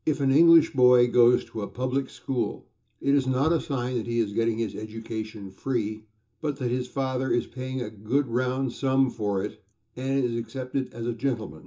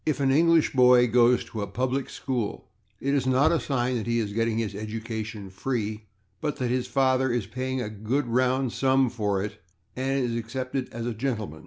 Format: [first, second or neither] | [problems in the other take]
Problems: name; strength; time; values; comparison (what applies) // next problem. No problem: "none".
second | room echo; dies away in 0.2 s